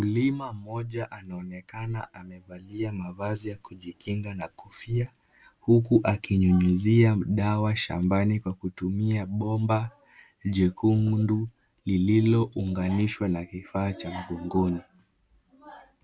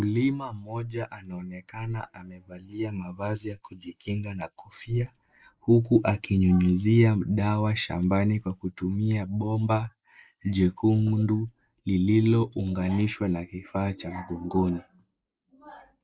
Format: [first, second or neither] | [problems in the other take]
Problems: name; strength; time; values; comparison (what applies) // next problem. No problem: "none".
first | noise reduction (neural mask model Resemble Enhance denoiser)